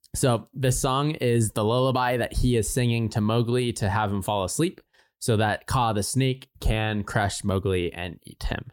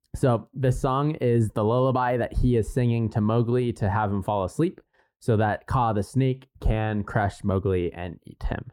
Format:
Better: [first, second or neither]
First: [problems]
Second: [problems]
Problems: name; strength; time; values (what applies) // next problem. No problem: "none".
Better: first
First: none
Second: muffled; very; fading above 2.5 kHz